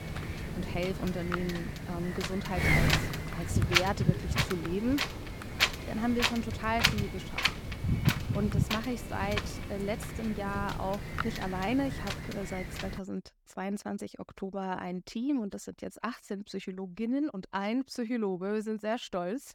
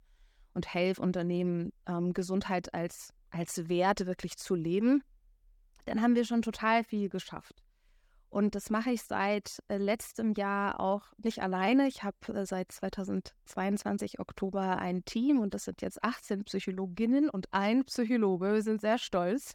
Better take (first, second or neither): second